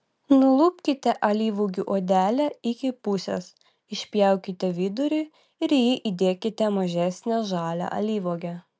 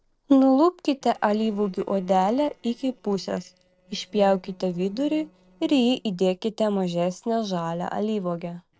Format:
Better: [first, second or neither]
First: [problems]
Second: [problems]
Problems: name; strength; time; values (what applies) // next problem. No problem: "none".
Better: first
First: none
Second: noise reduction (neural separator model SepFormer DNS4)